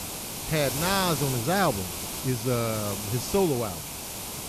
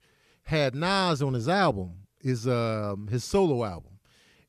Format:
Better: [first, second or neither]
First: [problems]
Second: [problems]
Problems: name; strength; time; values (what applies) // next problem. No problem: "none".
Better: second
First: hiss; loud; throughout; 4 dB below the speech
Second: none